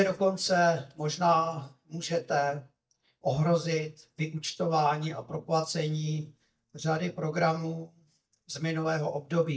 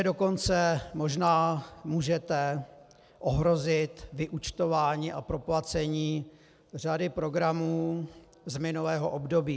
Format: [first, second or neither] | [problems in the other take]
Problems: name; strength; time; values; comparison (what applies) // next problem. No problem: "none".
second | noise reduction (neural mask model DeepFilterNet 3)